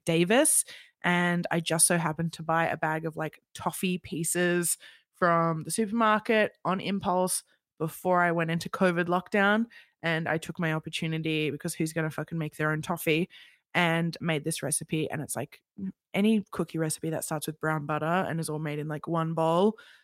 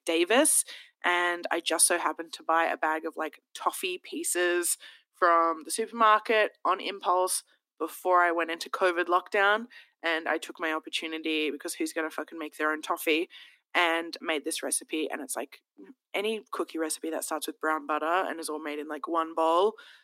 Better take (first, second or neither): first